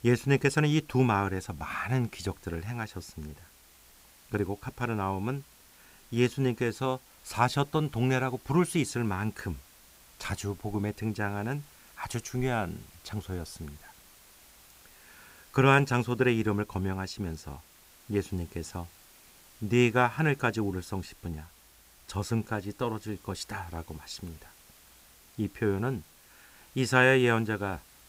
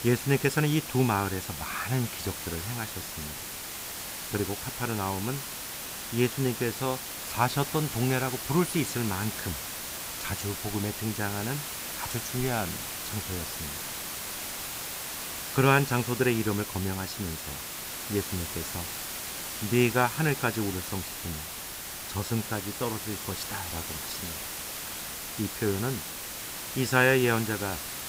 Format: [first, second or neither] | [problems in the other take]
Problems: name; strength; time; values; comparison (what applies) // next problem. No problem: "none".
first | hiss; loud; throughout; 5 dB below the speech; faint in the first